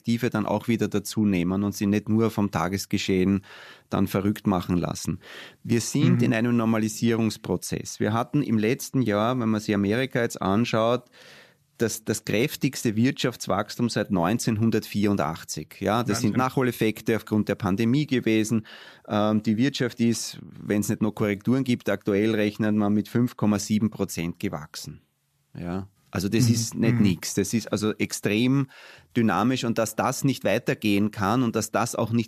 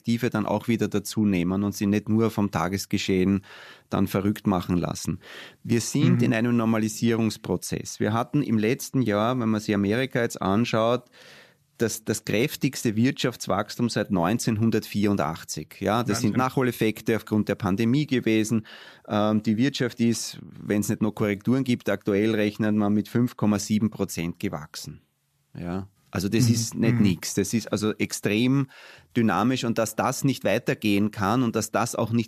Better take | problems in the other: neither | none

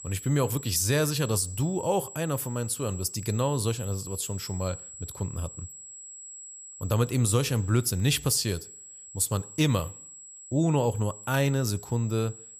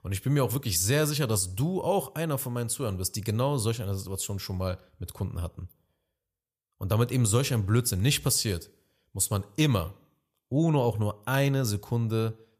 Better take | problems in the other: second | high-pitched whine; noticeable; throughout; 7.5 kHz, 15 dB below the speech

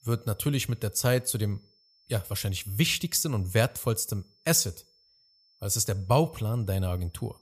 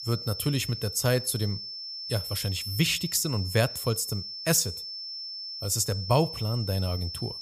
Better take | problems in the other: first | high-pitched whine; loud; throughout; 5.5 kHz, 7 dB below the speech; faint in the first

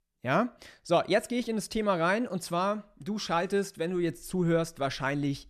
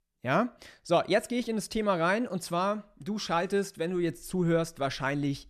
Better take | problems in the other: neither | none

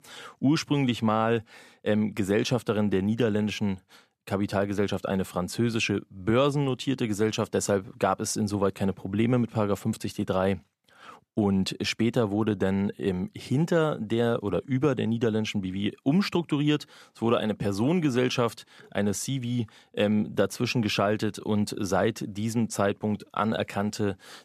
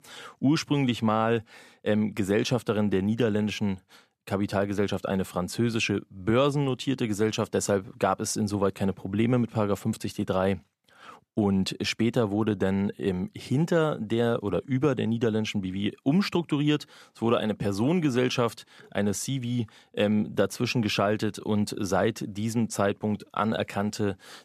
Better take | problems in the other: neither | none

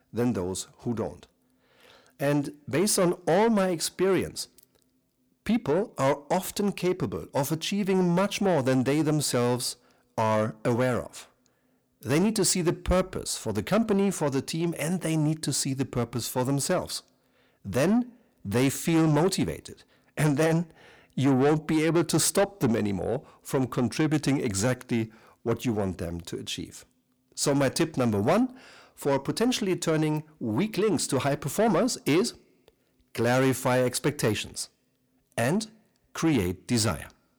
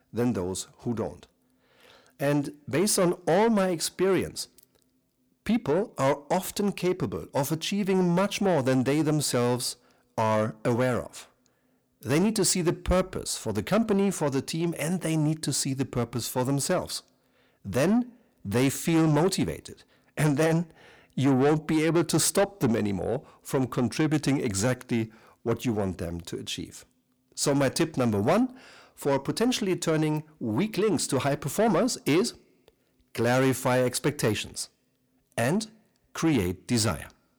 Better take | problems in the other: neither | distortion; slight; 10 dB below the speech; the same in both

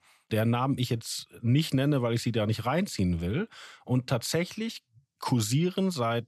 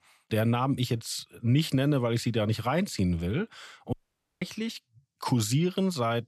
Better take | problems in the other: first | audio cutting out; at 4 s

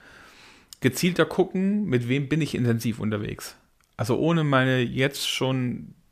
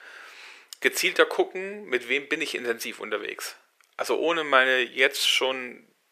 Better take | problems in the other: first | thin; very; fading below 400 Hz

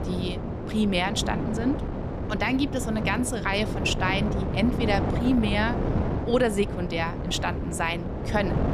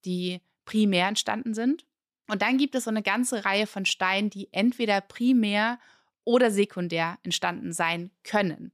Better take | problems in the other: second | wind noise on the microphone; heavy; 6 dB below the speech

